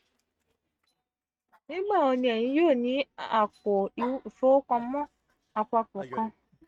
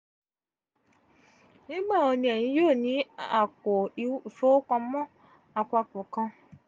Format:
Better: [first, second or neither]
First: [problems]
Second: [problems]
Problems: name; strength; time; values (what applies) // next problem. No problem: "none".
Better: second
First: noise reduction (neural mask model RNNoise)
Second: none